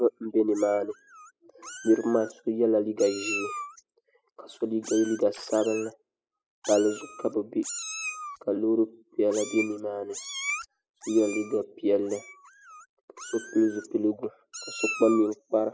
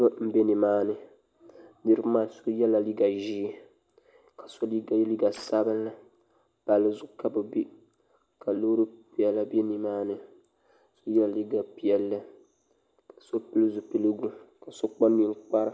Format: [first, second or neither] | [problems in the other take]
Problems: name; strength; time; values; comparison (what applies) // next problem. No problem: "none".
second | noise reduction (classical method spectral subtraction)